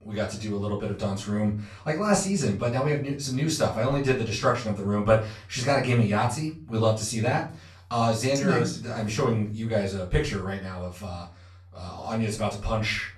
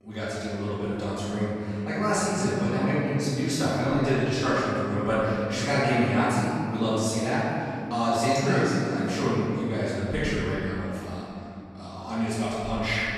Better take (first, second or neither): first